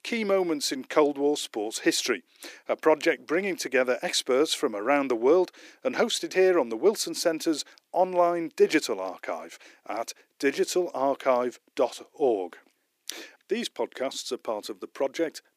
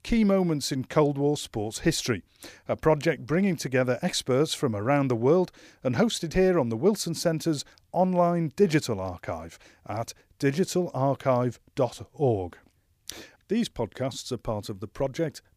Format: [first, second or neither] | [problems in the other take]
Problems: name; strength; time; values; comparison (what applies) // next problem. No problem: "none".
second | thin; somewhat; fading below 300 Hz